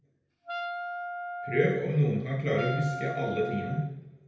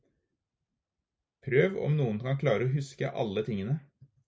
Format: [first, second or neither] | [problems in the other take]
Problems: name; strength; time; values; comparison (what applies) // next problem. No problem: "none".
second | background sound (Wind instrument, woodwind instrument); 7 dB below the speech // room echo; dies away in 0.9 s